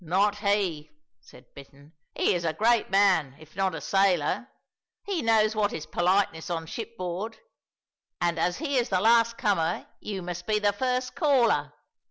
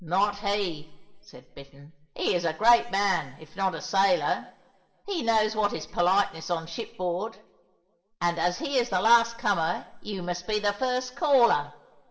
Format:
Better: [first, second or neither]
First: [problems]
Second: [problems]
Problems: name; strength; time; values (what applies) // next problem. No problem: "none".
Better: first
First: none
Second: room echo; dies away in 1.4 s